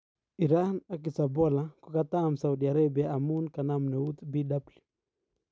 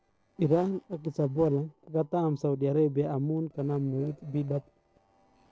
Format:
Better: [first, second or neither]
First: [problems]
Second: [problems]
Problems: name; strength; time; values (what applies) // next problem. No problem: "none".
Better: first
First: none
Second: noise reduction (neural separator model SepFormer DNS4)